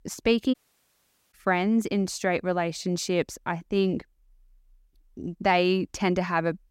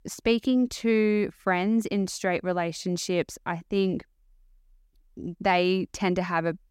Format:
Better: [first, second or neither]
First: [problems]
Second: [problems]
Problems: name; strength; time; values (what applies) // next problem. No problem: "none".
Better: second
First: audio cutting out; at 0.5 s for 1 s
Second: none